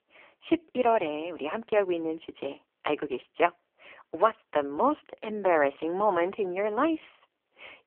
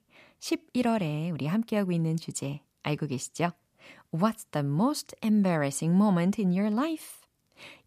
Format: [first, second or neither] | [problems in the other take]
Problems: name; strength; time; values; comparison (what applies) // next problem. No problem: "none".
second | phone-call audio; poor line